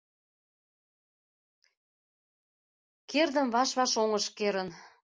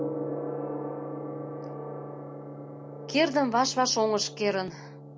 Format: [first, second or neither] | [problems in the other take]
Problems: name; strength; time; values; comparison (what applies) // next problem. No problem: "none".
first | background sound (Gong); 6 dB below the speech